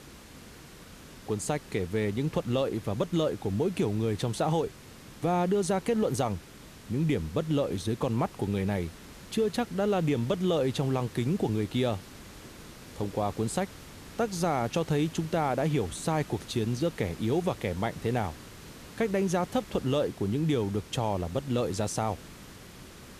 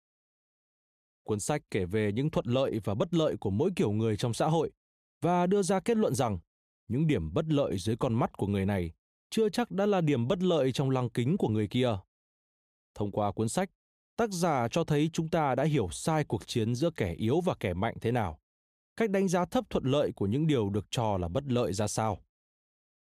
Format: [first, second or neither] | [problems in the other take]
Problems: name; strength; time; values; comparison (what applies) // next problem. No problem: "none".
second | hiss; noticeable; throughout; 15 dB below the speech